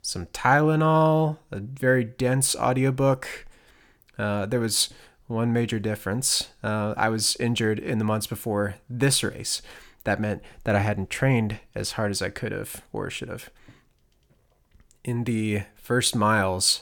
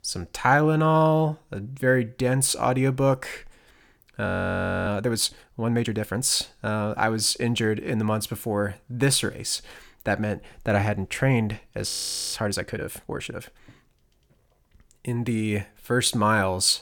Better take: first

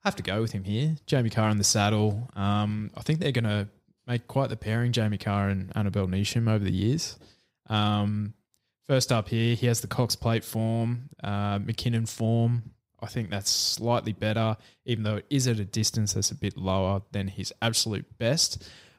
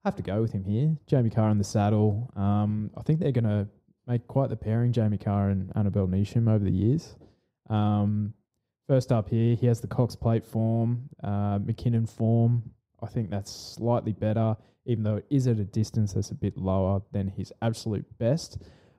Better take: first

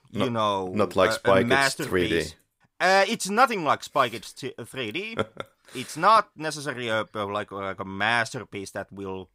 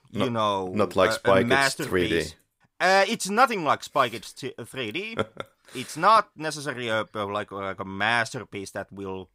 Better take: neither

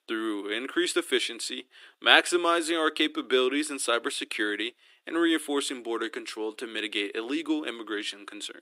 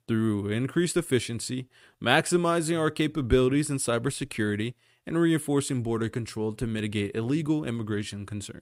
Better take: second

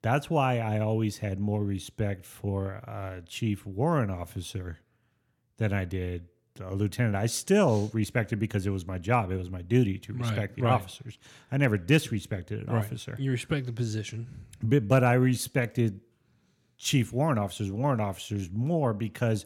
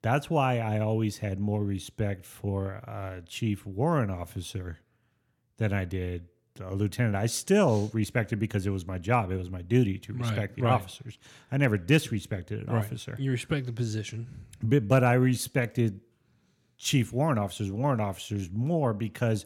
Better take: neither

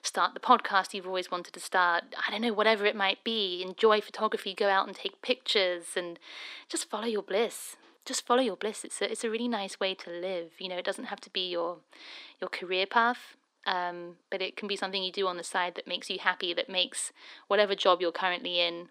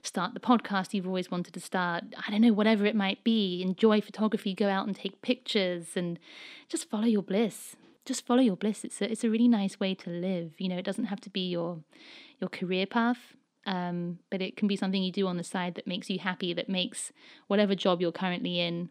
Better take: second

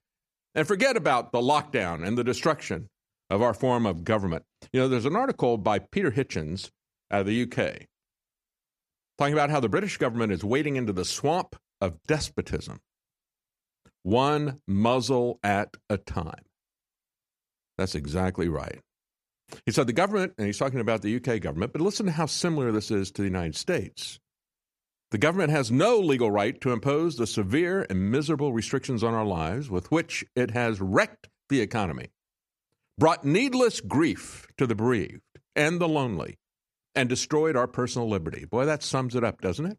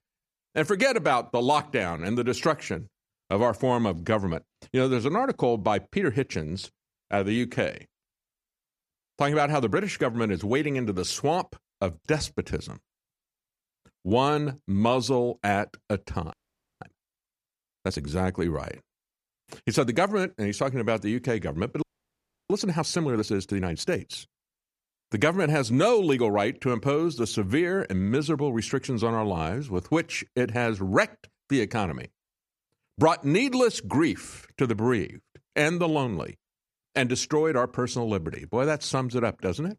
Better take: first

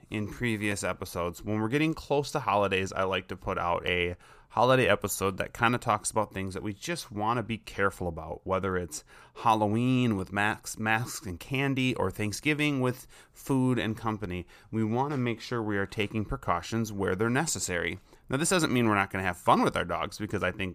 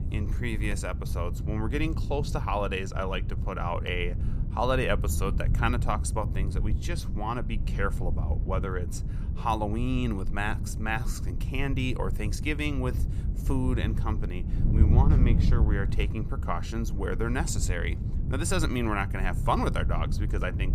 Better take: first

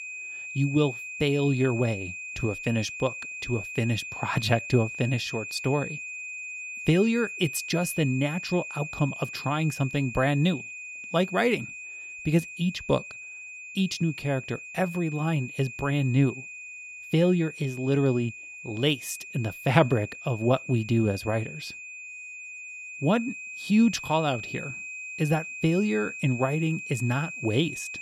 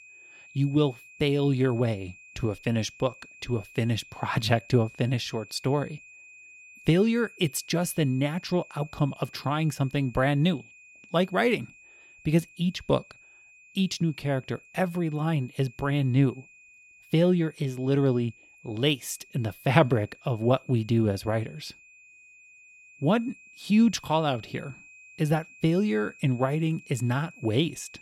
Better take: second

